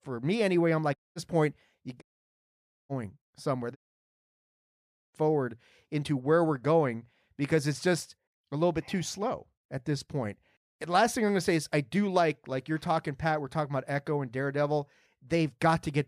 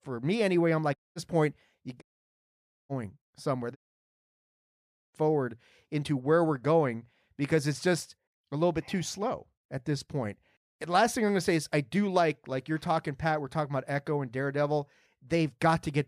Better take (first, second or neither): neither